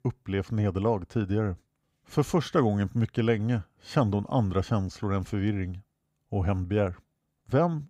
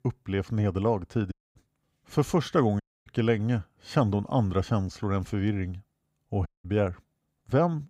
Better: first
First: none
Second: audio cutting out; at 1.5 s, at 3 s and at 6.5 s

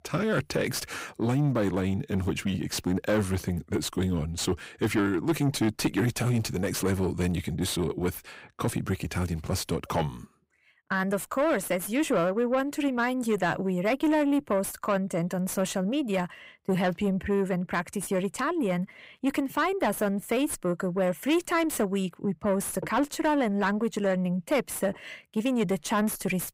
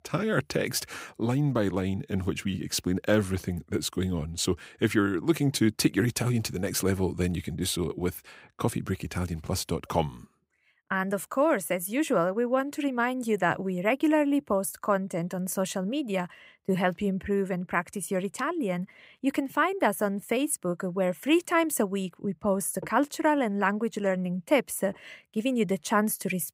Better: second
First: distortion; slight; 10 dB below the speech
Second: none

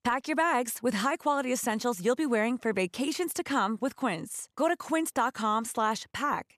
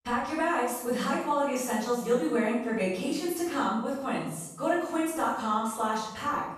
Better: first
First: none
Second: off-mic speech; far // room echo; strong; dies away in 0.8 s

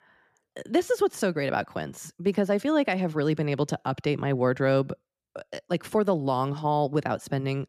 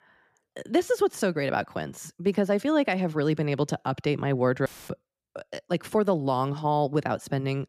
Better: first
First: none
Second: audio cutting out; filled with static; at 4.5 s

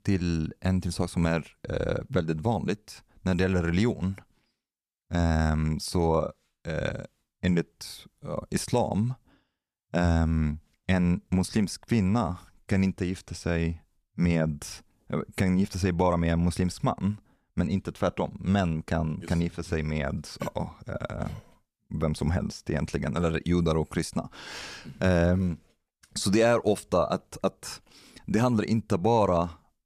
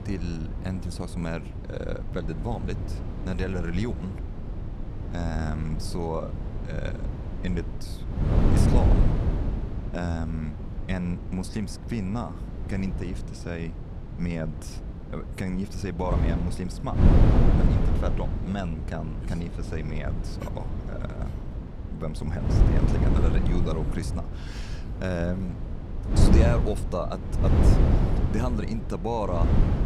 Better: first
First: none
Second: wind noise on the microphone; heavy; 2 dB below the speech

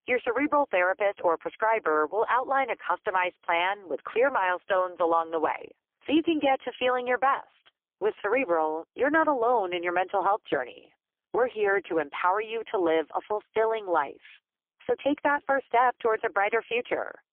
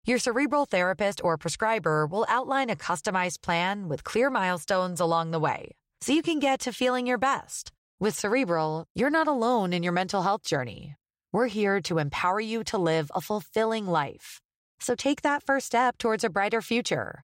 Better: second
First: phone-call audio; poor line; nothing above 3.5 kHz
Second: none

